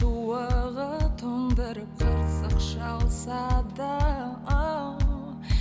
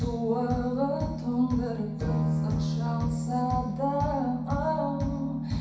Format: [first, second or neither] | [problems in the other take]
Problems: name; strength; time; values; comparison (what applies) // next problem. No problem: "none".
first | room echo; dies away in 0.7 s